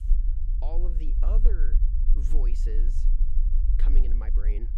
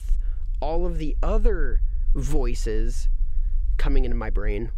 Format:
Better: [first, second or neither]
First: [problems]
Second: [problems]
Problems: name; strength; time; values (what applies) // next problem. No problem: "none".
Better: second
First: low rumble; loud; throughout; 6 dB below the speech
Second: low rumble; faint; throughout; 25 dB below the speech